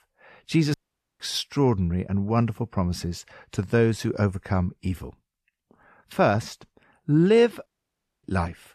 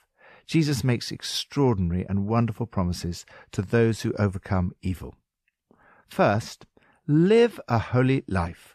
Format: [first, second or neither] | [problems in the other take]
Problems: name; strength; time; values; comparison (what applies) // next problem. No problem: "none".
second | audio cutting out; at 0.5 s and at 7.5 s for 0.5 s